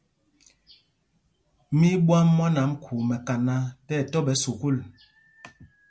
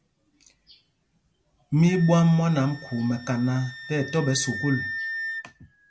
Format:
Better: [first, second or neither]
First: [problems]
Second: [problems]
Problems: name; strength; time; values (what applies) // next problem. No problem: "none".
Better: first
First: none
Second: background sound (Wind instrument, woodwind instrument); 12 dB below the speech